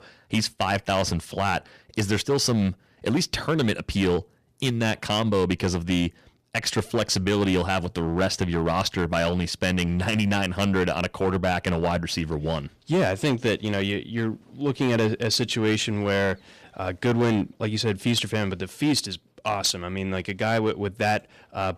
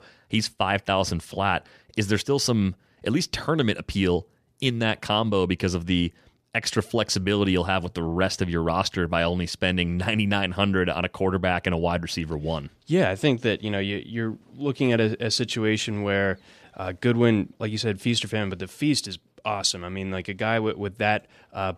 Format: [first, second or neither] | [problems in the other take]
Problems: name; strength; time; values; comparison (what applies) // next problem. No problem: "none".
second | distortion; slight; 7% of the sound clipped